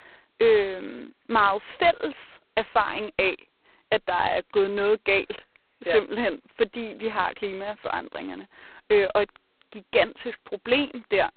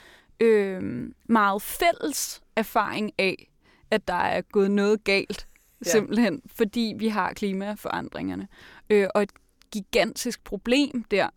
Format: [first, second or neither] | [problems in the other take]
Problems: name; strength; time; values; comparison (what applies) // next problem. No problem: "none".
second | phone-call audio; poor line; nothing above 4 kHz